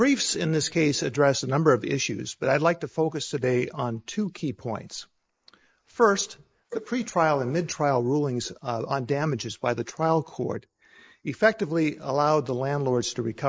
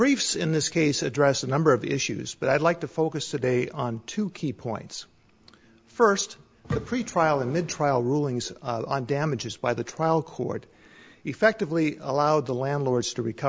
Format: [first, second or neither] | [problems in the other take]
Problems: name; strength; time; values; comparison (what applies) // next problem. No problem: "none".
second | noise reduction (neural mask model Resemble Enhance denoiser)